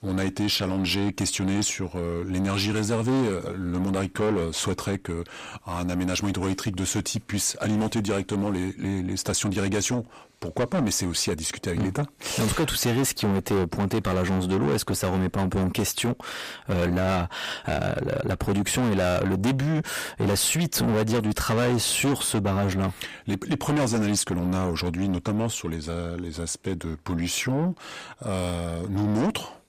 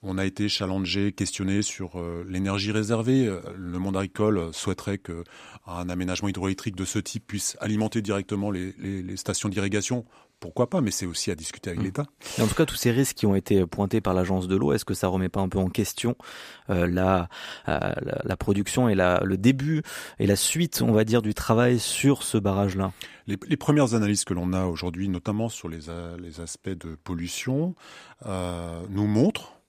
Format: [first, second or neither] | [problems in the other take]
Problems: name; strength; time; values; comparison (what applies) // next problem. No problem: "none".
second | distortion; heavy; 6 dB below the speech